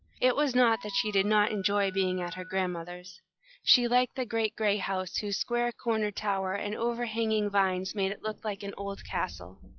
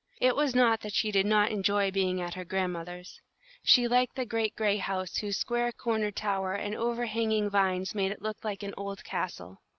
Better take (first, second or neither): second